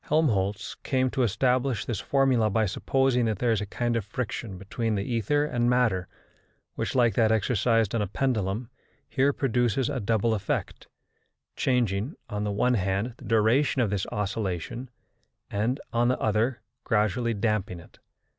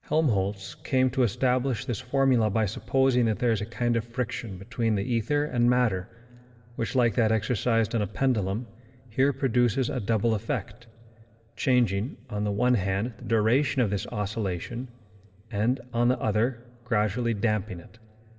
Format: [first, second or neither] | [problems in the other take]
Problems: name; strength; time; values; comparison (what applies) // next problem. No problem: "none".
first | room echo; dies away in 1.6 s